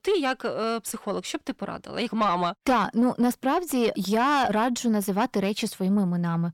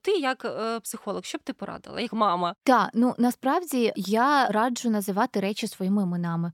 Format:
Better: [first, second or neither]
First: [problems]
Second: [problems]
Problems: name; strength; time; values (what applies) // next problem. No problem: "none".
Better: second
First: distortion; slight; 10 dB below the speech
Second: none